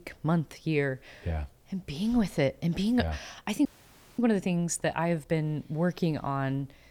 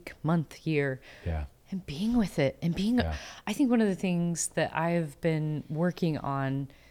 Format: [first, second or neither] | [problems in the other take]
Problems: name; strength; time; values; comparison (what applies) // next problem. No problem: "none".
second | audio freezing; at 3.5 s for 0.5 s